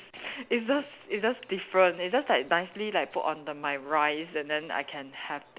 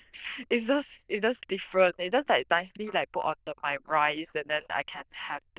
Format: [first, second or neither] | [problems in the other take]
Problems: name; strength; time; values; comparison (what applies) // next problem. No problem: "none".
first | noise reduction (neural diffusion model UNIVERSE++)